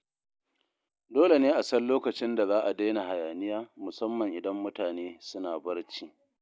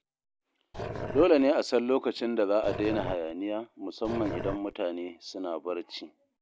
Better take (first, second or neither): first